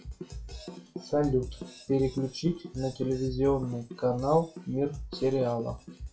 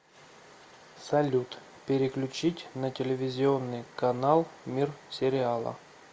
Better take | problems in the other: second | noise reduction (classical method WPE with log-MMSE)

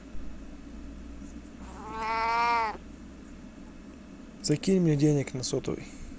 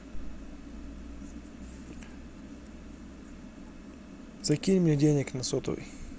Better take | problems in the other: second | background sound (Meow); 4 dB below the speech

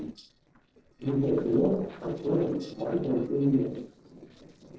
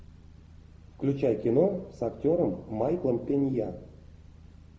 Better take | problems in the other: second | noise reduction (neural separator model SepFormer DNS4)

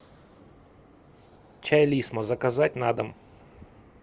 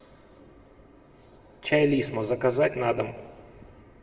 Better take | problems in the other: first | room echo; dies away in 1.1 s

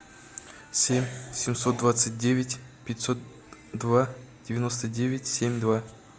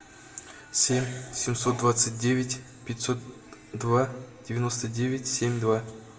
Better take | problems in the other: first | room echo; dies away in 0.9 s

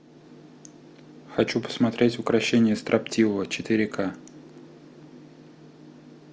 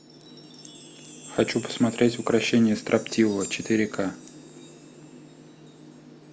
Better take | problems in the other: first | background sound (Chime); 19 dB below the speech

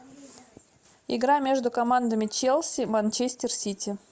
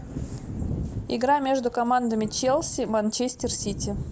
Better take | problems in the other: first | background sound (Thunder / Wind); 9 dB below the speech

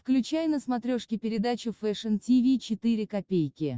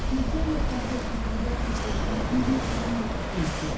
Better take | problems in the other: first | background sound (Walk, footsteps / Waves, surf / Wind); 3 dB above the speech // room echo; dies away in 0.5 s

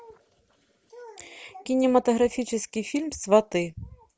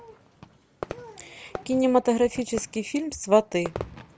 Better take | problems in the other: first | background sound (Fireworks); 15 dB below the speech

